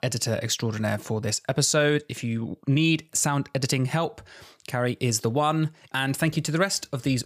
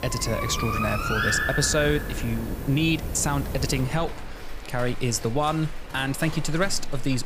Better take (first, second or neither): first